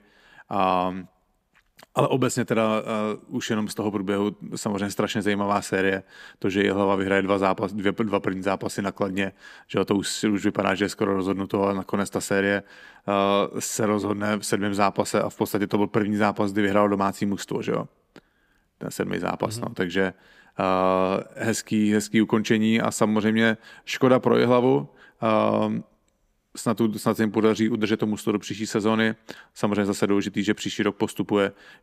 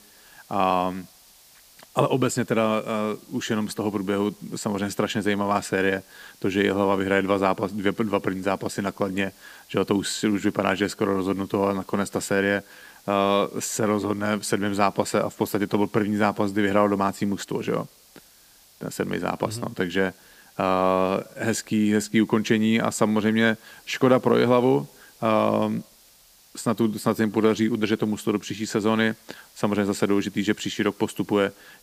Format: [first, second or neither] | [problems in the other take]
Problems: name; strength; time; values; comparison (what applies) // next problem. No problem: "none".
first | hiss; faint; throughout; 25 dB below the speech